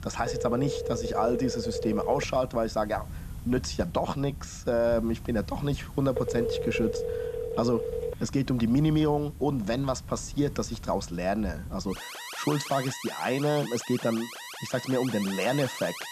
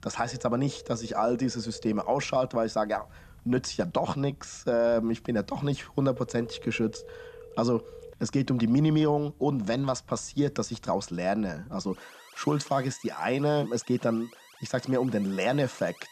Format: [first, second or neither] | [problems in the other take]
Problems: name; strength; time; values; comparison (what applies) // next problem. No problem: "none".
second | alarms or sirens; loud; throughout; 7 dB below the speech; faint in the second